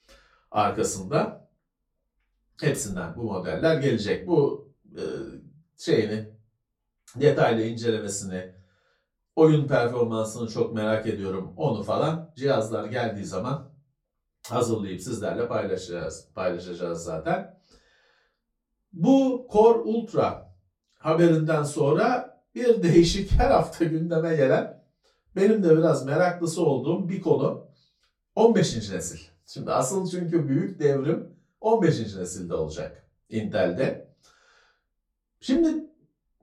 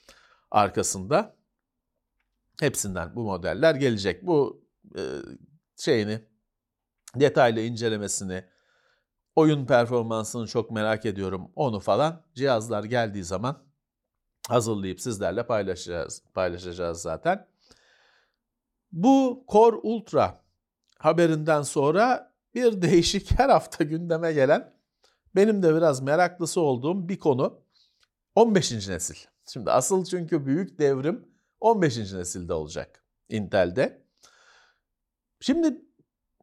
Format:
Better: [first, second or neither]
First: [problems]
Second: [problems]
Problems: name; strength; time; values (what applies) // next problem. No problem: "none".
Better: second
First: off-mic speech; far // room echo; very slight; dies away in 0.2 s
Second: none